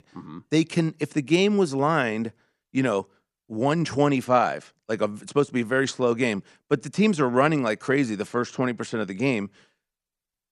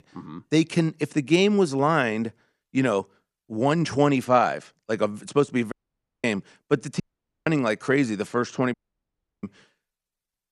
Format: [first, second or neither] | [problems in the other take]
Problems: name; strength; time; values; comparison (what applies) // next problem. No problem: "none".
first | audio cutting out; at 5.5 s for 0.5 s, at 7 s and at 8.5 s for 0.5 s